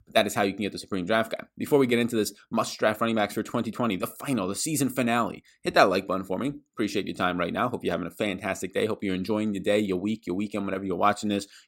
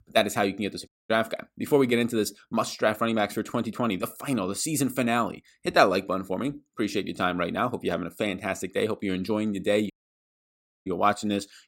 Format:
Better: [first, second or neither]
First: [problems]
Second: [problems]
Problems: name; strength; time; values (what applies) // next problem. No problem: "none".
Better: first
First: none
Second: audio cutting out; at 1 s and at 10 s for 1 s